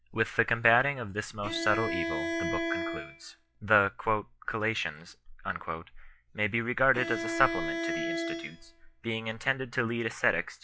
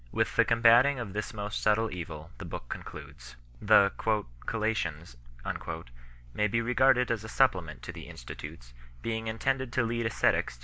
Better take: second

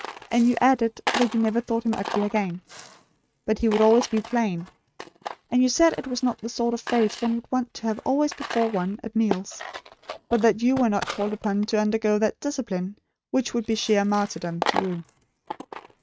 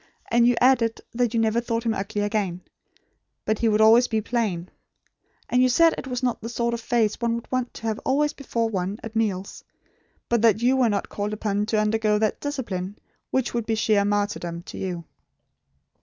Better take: second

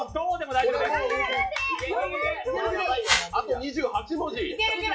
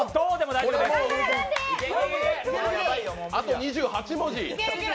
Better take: second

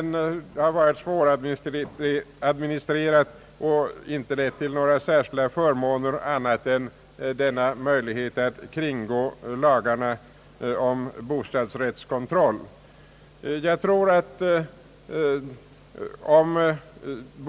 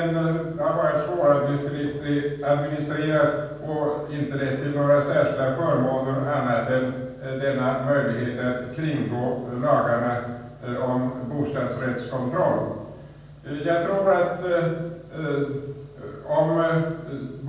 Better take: first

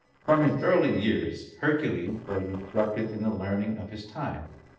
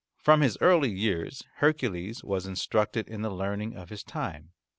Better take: second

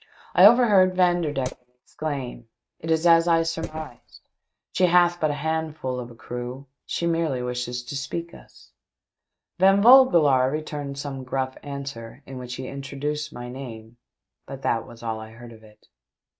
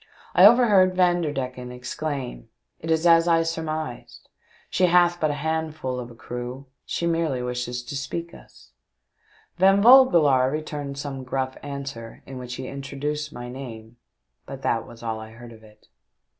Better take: second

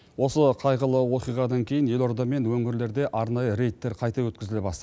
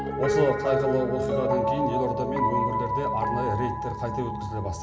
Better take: first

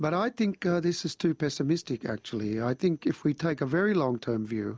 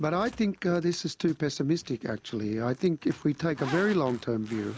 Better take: first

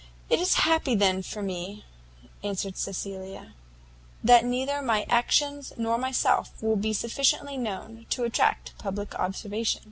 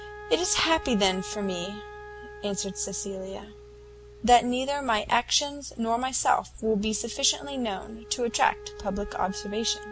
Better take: first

